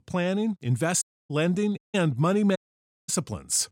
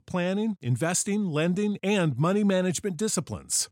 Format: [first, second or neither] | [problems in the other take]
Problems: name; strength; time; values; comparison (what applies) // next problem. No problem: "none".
second | audio cutting out; at 1 s, at 2 s and at 2.5 s for 0.5 s